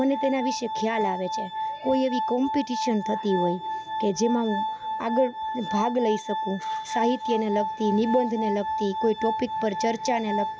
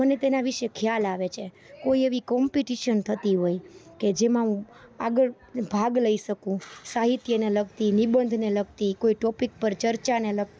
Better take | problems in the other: second | background sound (Glass); 4 dB below the speech

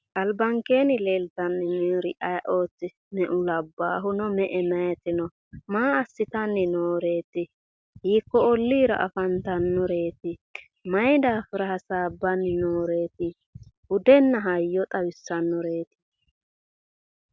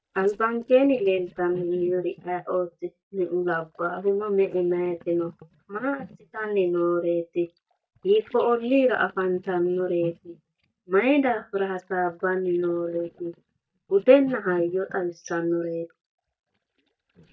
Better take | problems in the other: first | noise reduction (neural mask model DeepFilterNet 3)

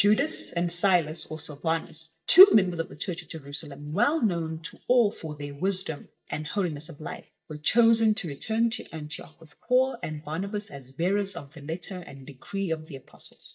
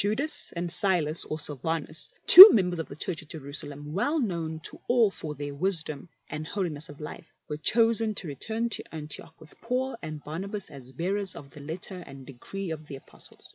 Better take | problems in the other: second | noise reduction (neural mask model DeepFilterNet 3)

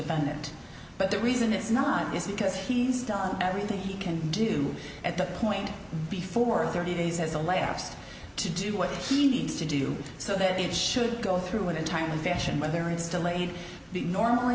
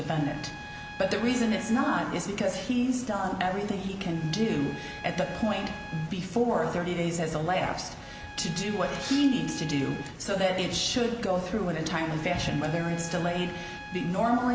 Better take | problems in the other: first | background sound (Trumpet); 16 dB below the speech

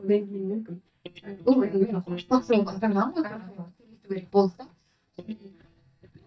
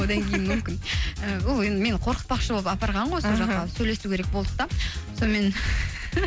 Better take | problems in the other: second | noise reduction (neural mask model DeepFilterNet 3)

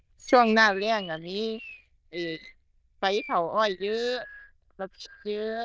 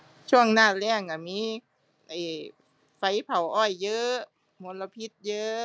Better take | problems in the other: second | noise reduction (neural diffusion model UNIVERSE++)

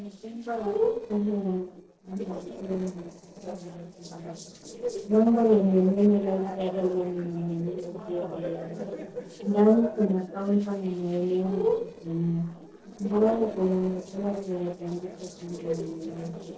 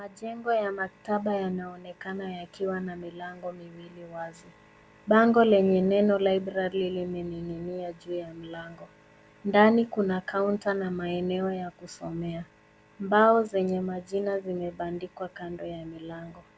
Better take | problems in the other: second | noise reduction (neural separator model SepFormer DNS4)

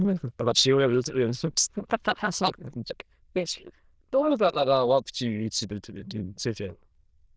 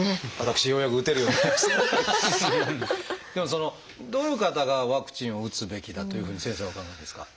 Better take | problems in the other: second | noise reduction (neural diffusion model UNIVERSE++)

